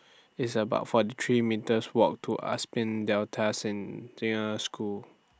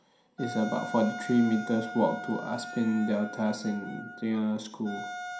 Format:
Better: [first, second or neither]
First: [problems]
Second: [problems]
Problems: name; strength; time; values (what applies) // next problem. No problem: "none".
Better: first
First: none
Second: background sound (Wind instrument, woodwind instrument); 11 dB below the speech // room echo; dies away in 0.5 s